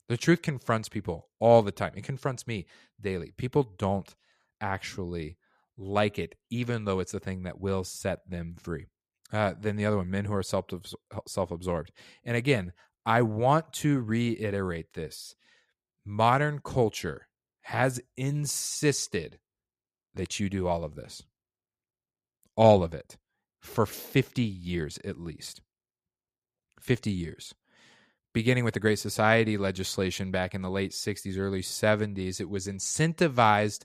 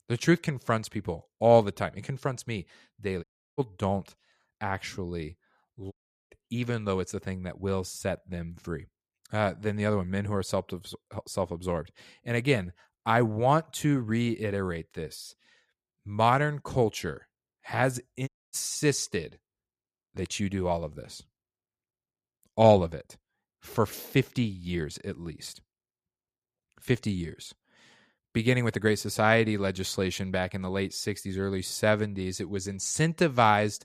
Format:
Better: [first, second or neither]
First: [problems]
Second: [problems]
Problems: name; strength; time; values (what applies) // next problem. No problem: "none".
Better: first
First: none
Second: audio cutting out; at 3 s, at 6 s and at 18 s